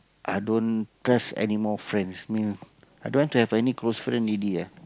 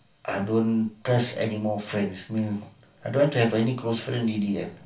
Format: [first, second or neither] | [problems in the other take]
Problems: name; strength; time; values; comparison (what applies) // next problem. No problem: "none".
first | room echo; dies away in 0.3 s